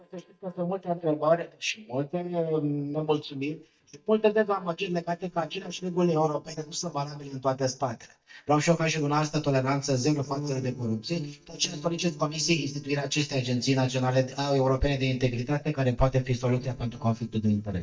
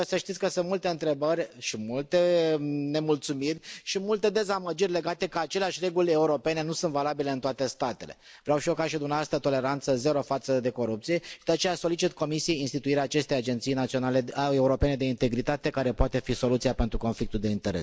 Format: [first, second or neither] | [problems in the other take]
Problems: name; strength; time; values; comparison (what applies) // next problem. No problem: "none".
second | noise reduction (neural mask model DeepFilterNet 3)